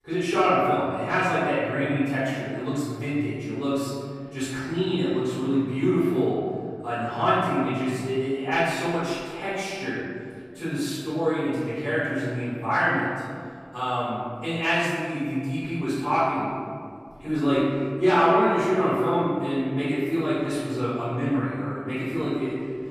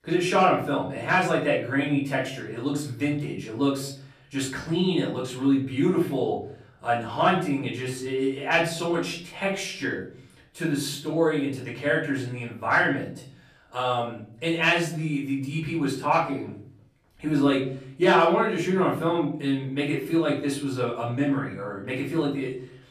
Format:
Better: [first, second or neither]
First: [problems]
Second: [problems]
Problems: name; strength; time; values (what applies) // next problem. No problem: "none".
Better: second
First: room echo; strong; dies away in 2.1 s // off-mic speech; far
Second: room echo; slight; dies away in 0.5 s // off-mic speech; far